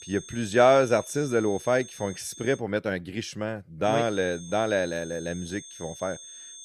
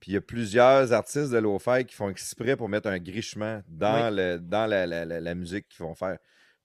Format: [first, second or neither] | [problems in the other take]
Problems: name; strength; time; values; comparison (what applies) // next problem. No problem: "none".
second | high-pitched whine; noticeable; until 2.5 s and from 4 s on; 6.5 kHz, 15 dB below the speech